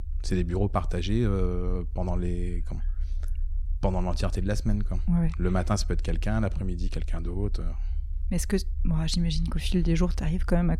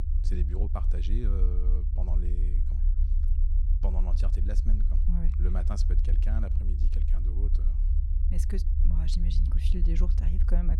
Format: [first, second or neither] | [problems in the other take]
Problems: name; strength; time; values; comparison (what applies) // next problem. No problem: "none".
first | low rumble; loud; throughout; 4 dB below the speech; faint in the first